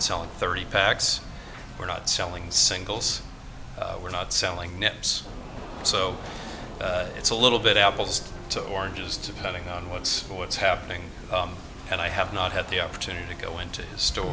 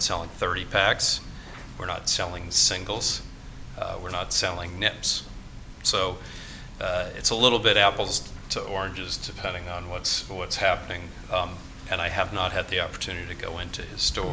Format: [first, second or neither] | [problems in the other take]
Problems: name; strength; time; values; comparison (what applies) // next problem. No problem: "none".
second | background sound (Subway, metro, underground + Crowd); 16 dB below the speech